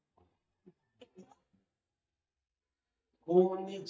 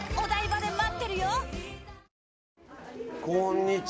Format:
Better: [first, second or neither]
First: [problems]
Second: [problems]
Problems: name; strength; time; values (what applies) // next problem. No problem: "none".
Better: second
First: noise reduction (neural mask model DeepFilterNet 3)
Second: none